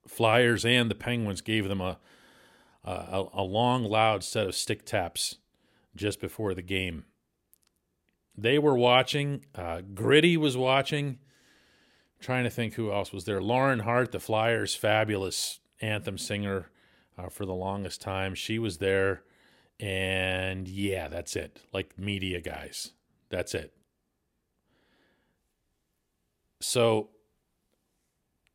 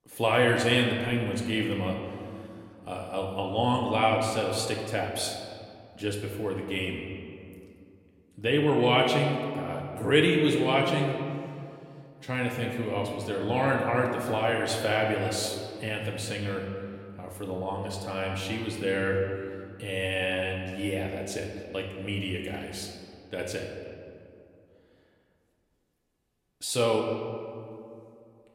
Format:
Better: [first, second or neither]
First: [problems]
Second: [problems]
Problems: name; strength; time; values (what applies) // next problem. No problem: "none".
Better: first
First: none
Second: room echo; slight; dies away in 2 s // off-mic speech; somewhat distant